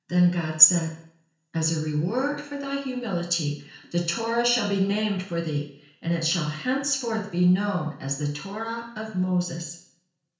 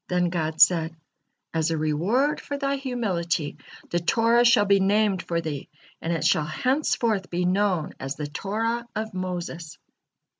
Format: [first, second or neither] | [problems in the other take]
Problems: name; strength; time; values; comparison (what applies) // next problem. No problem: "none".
second | room echo; dies away in 0.5 s